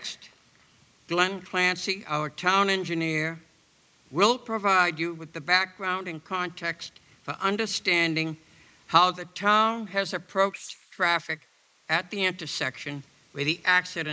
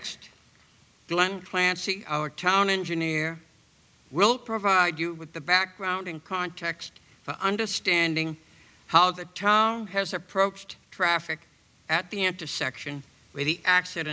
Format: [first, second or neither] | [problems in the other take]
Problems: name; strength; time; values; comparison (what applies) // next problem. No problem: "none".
second | noise reduction (neural mask model Resemble Enhance denoiser)